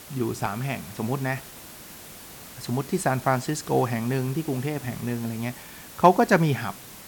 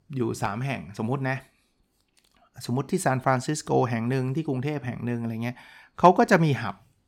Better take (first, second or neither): second